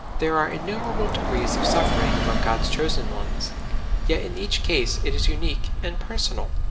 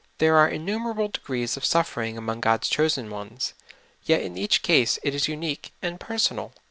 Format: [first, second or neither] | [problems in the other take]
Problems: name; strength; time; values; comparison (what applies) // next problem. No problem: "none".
second | background sound (Bus); 5 dB above the speech // room echo; dies away in 0.8 s